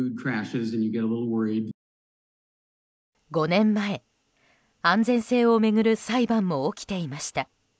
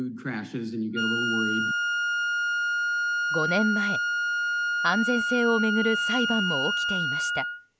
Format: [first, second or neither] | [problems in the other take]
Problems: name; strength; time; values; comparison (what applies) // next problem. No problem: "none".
first | background sound (Wind instrument, woodwind instrument); 2 dB above the speech